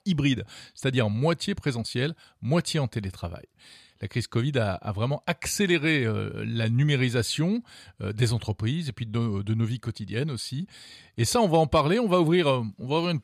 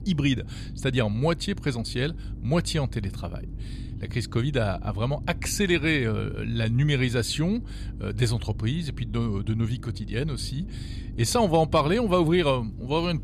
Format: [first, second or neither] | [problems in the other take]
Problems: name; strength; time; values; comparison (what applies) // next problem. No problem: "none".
first | low rumble; faint; throughout; 20 dB below the speech